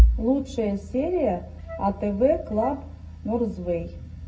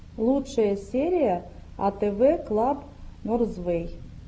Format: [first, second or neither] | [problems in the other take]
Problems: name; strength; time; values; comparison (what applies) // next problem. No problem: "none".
second | background sound (Wind instrument, woodwind instrument); 19 dB below the speech // room echo; dies away in 0.3 s